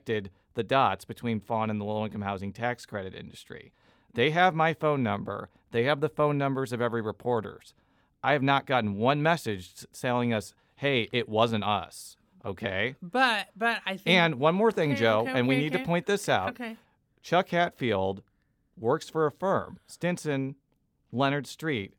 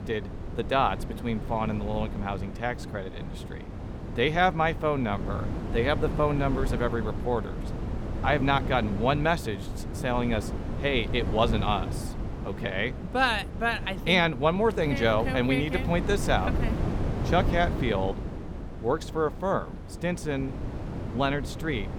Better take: first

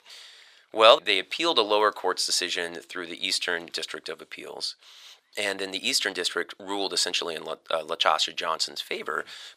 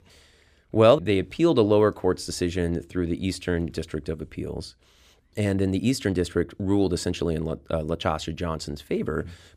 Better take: second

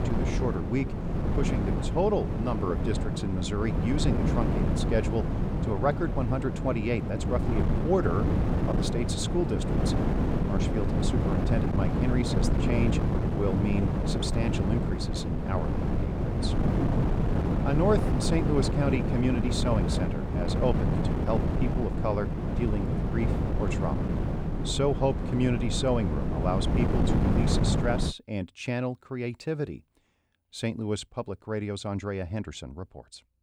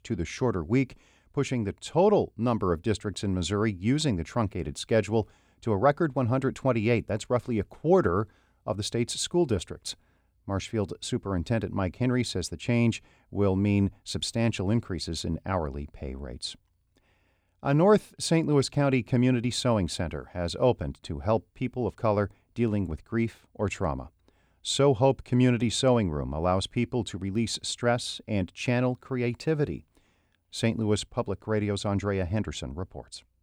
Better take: second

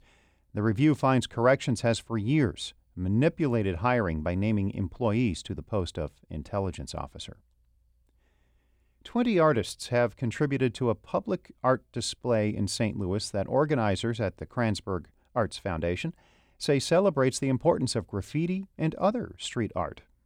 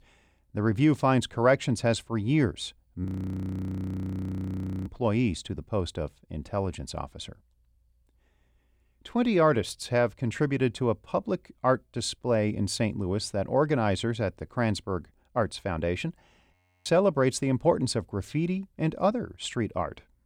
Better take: first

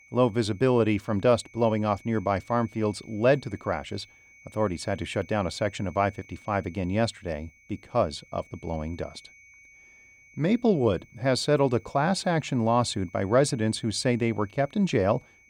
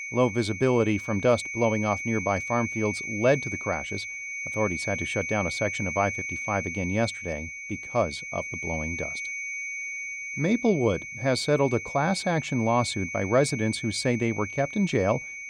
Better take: first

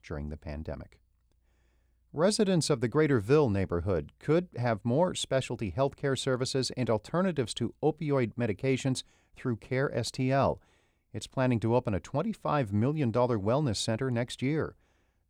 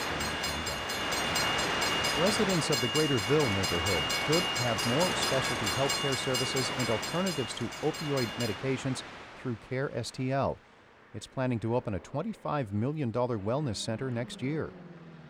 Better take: first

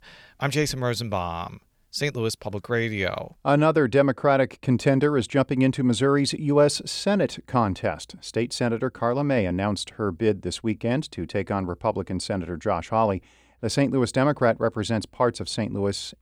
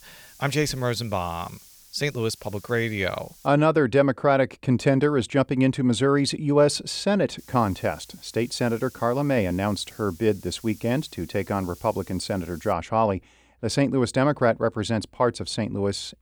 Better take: first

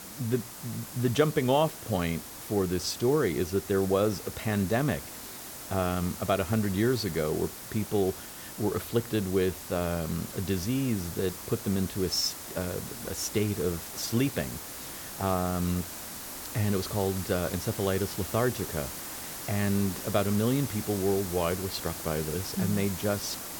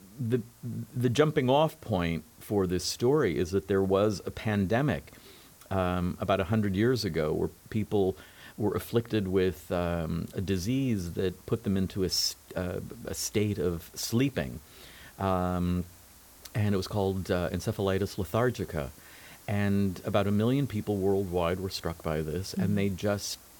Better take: second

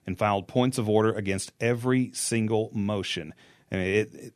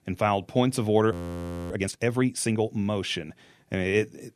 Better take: first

